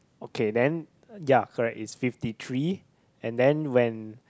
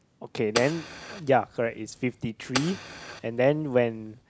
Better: first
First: none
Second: background sound (Fire); 11 dB below the speech

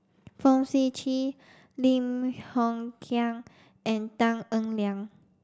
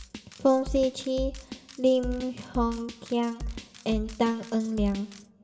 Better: first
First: none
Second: background sound (Drum kit); 10 dB below the speech // room echo; dies away in 1.6 s

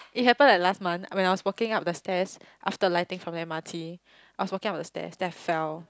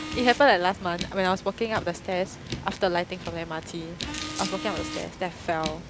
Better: first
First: none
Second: background sound (Car); 10 dB below the speech

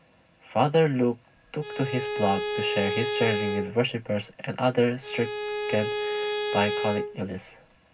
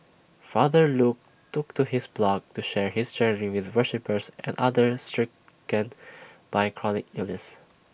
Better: second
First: background sound (Bowed string instrument); 3 dB below the speech // room echo; dies away in 0.4 s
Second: none

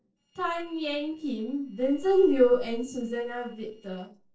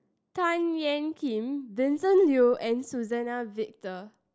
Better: second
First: noise reduction (neural separator model SepFormer DNS4)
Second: none

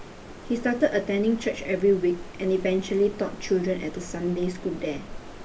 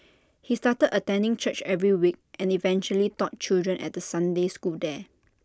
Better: second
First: background sound (Stream); 14 dB below the speech // room echo; dies away in 0.3 s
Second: none

